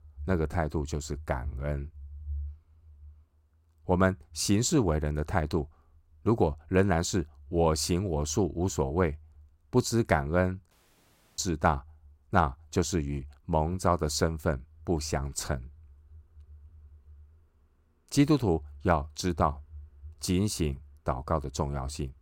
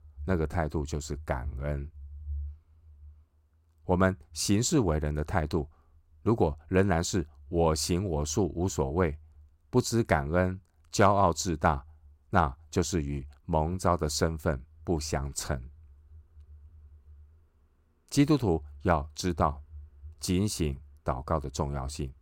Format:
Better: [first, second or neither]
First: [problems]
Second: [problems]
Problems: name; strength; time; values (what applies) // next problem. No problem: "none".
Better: second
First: audio cutting out; at 11 s for 0.5 s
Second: none